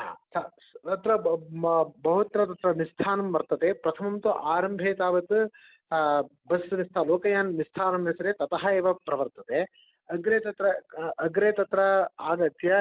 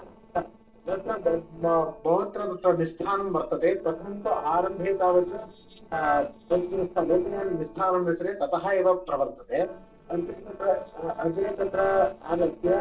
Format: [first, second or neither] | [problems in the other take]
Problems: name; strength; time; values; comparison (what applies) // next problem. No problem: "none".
first | noise reduction (neural separator model SepFormer DNS4)